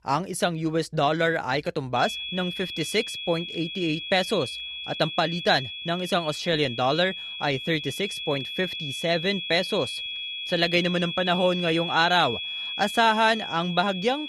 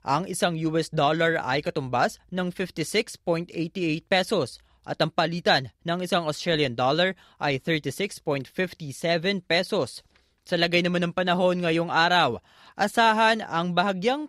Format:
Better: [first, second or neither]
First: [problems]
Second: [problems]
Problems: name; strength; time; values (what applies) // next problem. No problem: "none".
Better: second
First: high-pitched whine; loud; from 2 s on; 3.5 kHz, 6 dB below the speech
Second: none